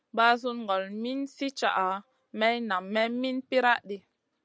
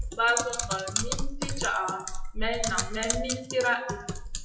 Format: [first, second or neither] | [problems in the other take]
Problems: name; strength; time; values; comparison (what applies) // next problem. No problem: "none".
first | noise reduction (classical method WPE with log-MMSE)